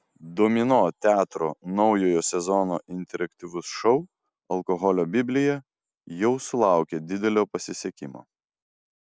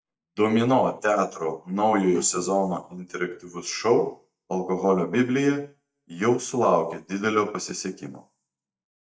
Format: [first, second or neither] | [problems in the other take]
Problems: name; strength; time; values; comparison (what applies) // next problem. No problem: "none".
first | noise reduction (neural mask model DeepFilterNet 3)